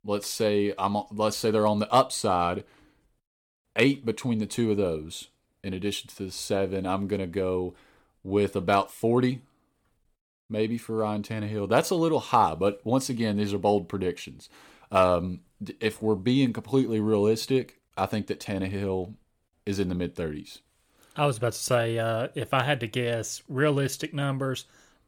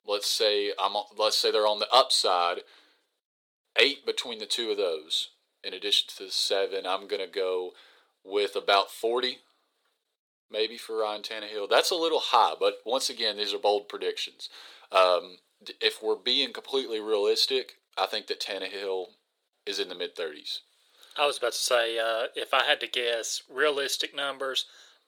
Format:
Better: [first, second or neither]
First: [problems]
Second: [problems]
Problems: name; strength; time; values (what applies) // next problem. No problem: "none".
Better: first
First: none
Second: thin; very; fading below 450 Hz